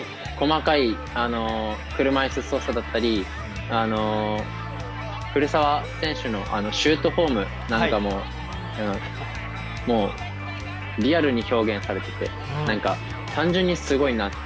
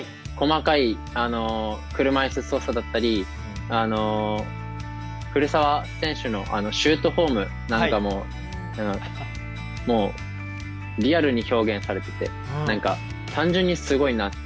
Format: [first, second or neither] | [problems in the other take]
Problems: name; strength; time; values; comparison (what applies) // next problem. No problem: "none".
second | background sound (Crowd); 13 dB below the speech